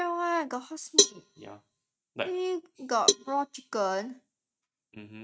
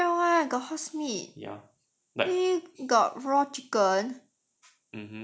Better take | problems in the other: second | noise reduction (neural mask model RNNoise)

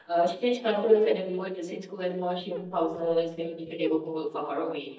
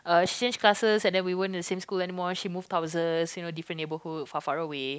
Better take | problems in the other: second | noise reduction (neural mask model DeepFilterNet 3)

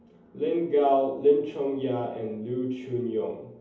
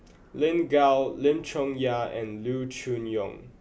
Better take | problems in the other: second | room echo; dies away in 2.2 s

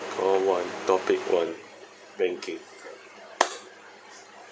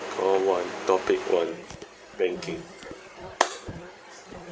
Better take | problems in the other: first | background sound (Insect); 16 dB below the speech

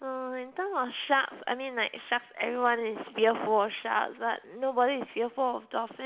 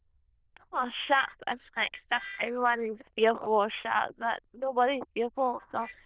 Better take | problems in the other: first | noise reduction (neural diffusion model UNIVERSE++)

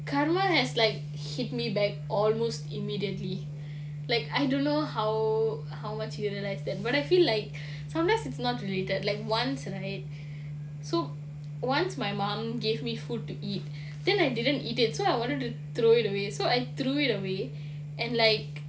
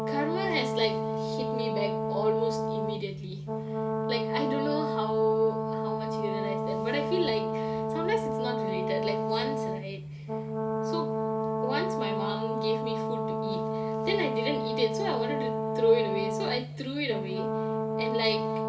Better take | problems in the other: first | background sound (Brass instrument); 1 dB above the speech // room echo; dies away in 2.8 s

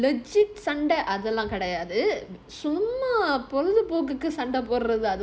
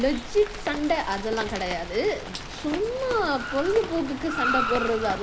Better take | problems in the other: first | background sound (Car + Rain); 6 dB below the speech

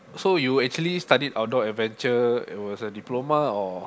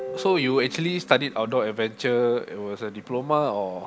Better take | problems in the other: first | background sound (Guitar); 16 dB below the speech

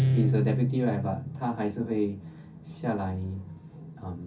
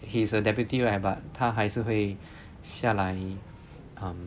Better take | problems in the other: second | background sound (Guitar); as loud as the speech // room echo; dies away in 0.3 s

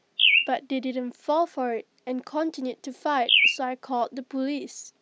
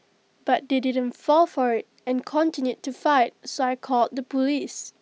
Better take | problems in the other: second | background sound (Bird); 3 dB above the speech

